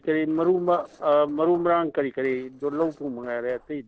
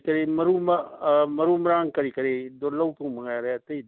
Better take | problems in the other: second | noise reduction (neural separator model SepFormer DNS4)

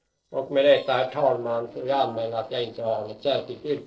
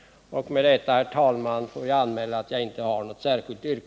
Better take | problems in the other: second | noise reduction (neural separator model SepFormer DNS4)

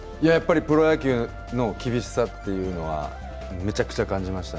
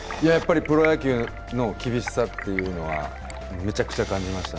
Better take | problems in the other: first | background sound (Camera + Stream); 13 dB below the speech

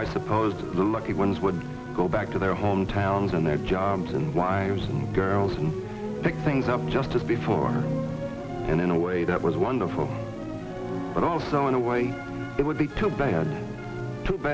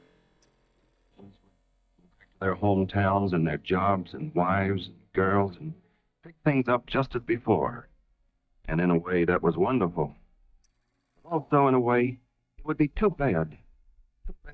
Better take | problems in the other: first | noise reduction (neural mask model DeepFilterNet 3)

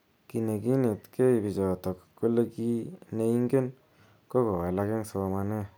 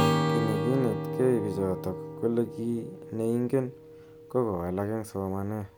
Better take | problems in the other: first | background sound (Acoustic guitar / Strum); 3 dB below the speech

